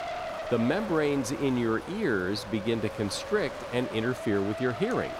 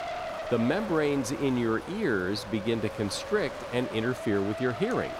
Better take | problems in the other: neither | wind noise on the microphone; heavy; 6 dB below the speech; the same in both

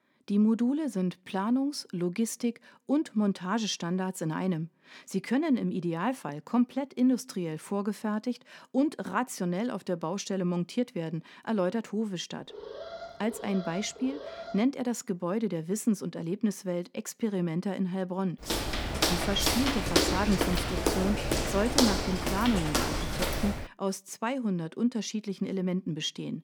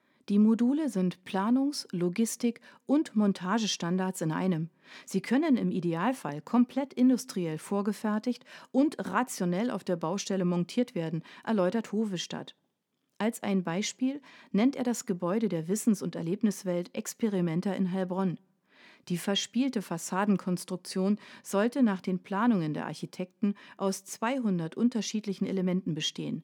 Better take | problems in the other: second | alarm; faint; from 12 to 15 s; peak 10 dB below the speech // footsteps; loud; from 19 to 24 s; peak 5 dB above the speech

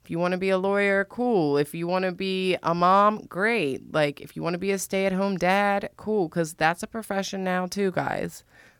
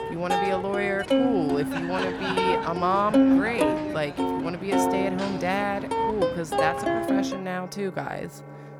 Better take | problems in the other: first | background music; very loud; throughout; 3 dB above the speech

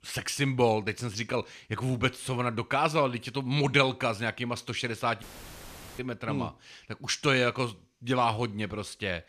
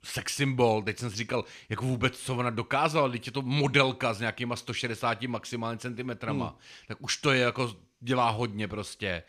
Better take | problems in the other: second | audio cutting out; filled with static; at 5 s for 1 s

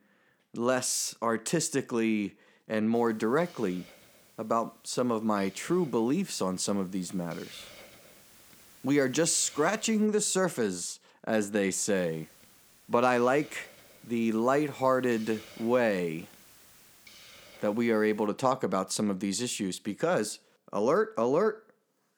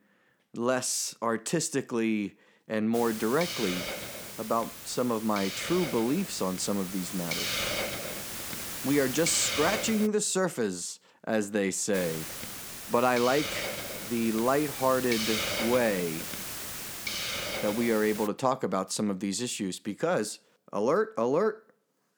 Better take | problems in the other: first | hiss; loud; from 3 to 10 s and from 12 to 18 s; 5 dB below the speech; faint in the first

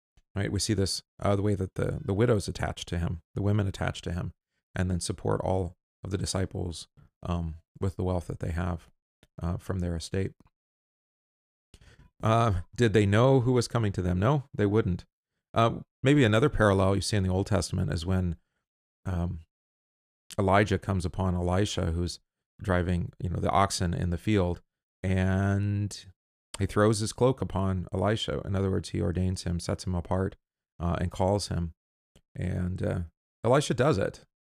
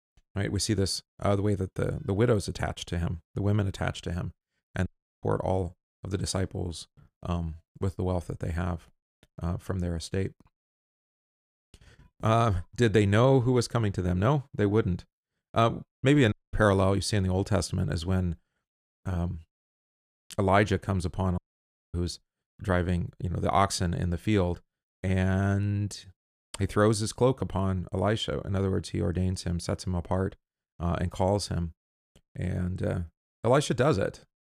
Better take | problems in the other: first | audio cutting out; at 5 s, at 16 s and at 21 s for 0.5 s

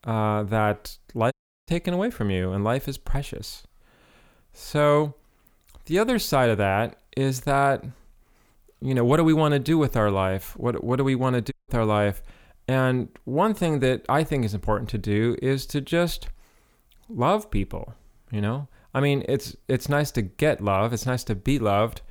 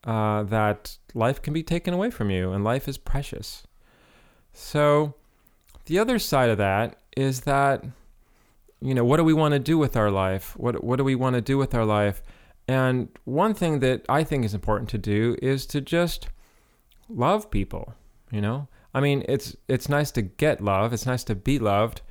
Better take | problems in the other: second | audio cutting out; at 1.5 s and at 12 s

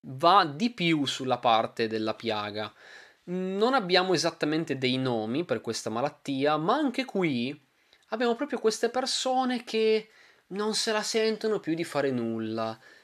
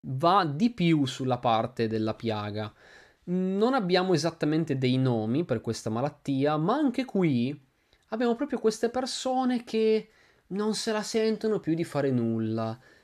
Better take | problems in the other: second | thin; very slightly; fading below 400 Hz

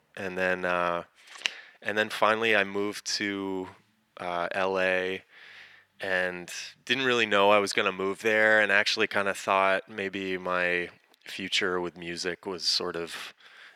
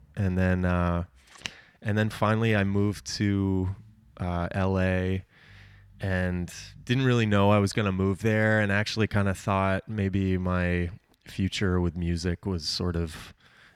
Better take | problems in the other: second | thin; very; fading below 450 Hz

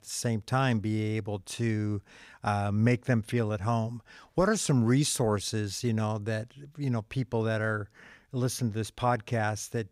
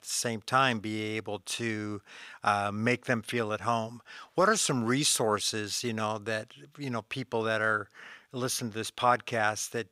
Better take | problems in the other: first | thin; somewhat; fading below 500 Hz

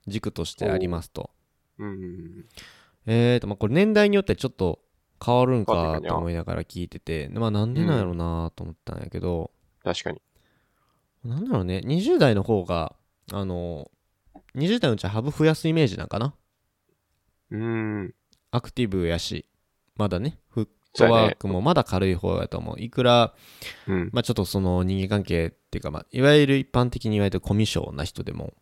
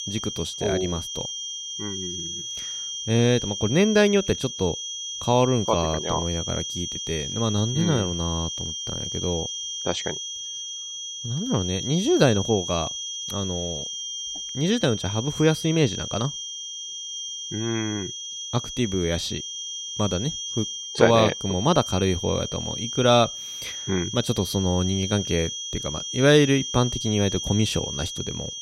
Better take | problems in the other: first | high-pitched whine; loud; throughout; 3 kHz, 6 dB below the speech

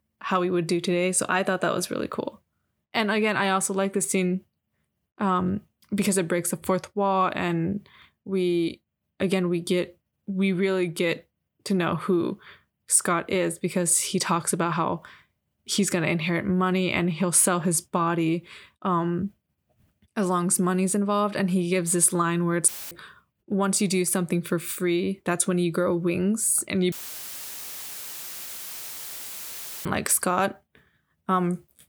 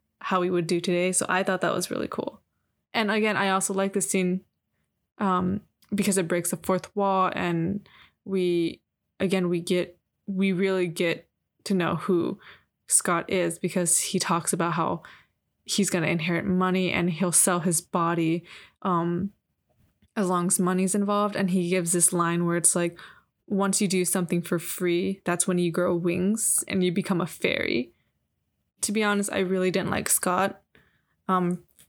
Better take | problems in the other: second | audio cutting out; filled with static; at 23 s and at 27 s for 3 s

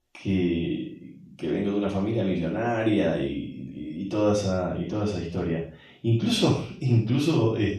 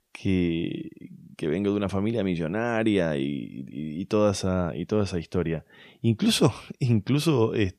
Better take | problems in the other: second | room echo; noticeable; dies away in 0.4 s // off-mic speech; far

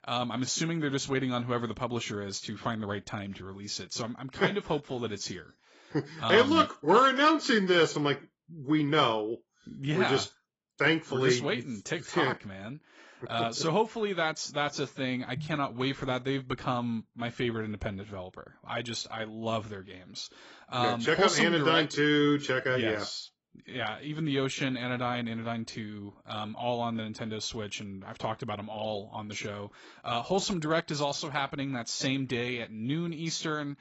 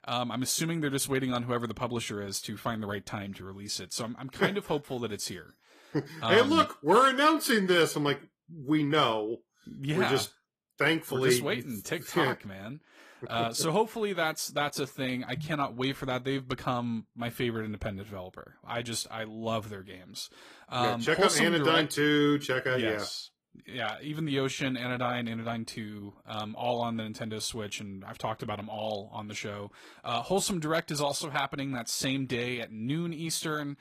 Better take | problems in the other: second | garbled, watery; badly; nothing above 7.5 kHz; slightly in the second

